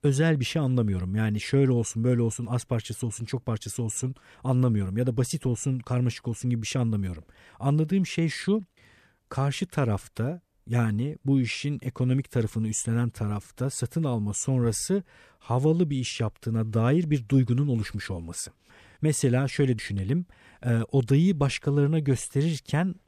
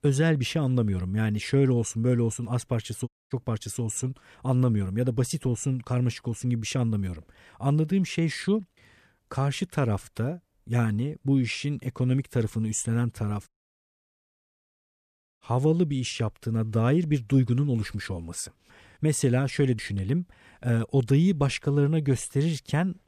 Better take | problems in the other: first | audio cutting out; at 3 s and at 13 s for 2 s

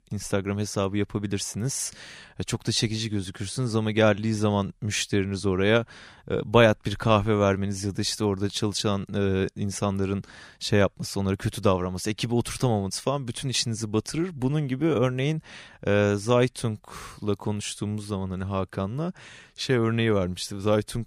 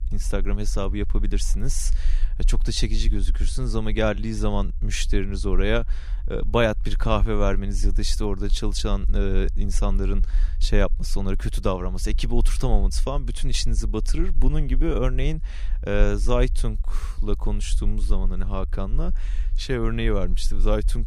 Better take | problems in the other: first | low rumble; faint; throughout; 25 dB below the speech

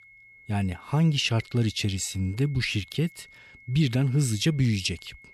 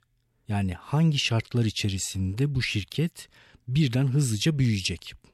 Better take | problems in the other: second | high-pitched whine; faint; throughout; 2 kHz, 25 dB below the speech

